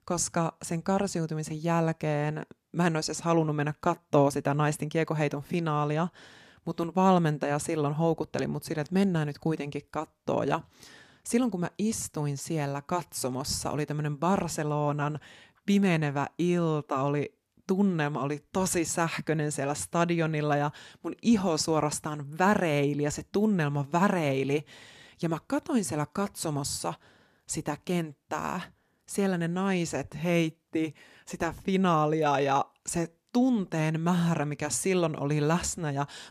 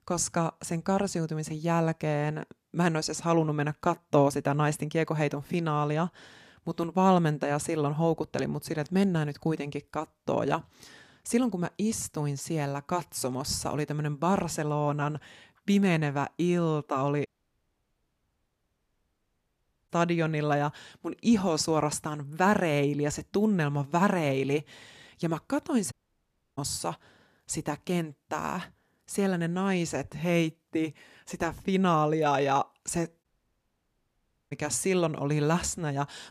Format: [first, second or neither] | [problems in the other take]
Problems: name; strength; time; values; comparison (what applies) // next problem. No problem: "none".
first | audio cutting out; at 17 s for 2.5 s, at 26 s for 0.5 s and at 33 s for 1.5 s